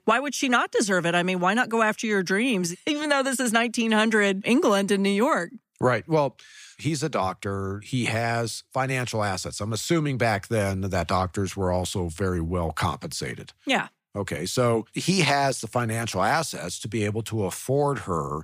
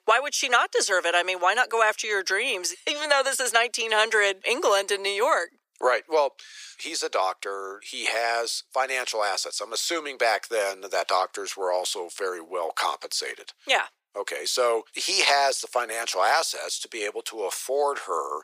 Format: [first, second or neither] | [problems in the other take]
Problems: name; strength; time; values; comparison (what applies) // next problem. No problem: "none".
first | thin; very; fading below 450 Hz